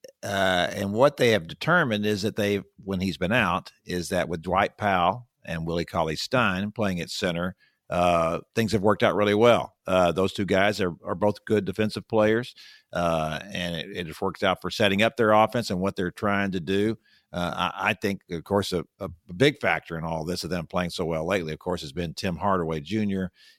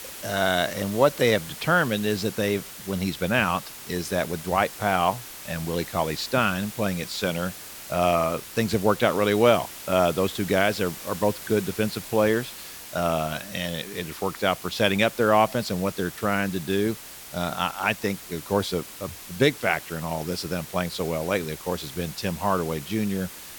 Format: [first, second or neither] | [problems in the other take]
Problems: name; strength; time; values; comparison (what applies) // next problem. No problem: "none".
first | hiss; noticeable; throughout; 15 dB below the speech